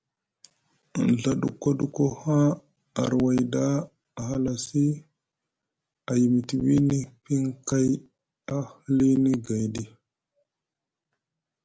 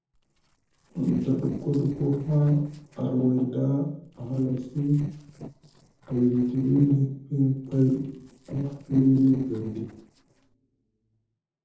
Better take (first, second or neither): first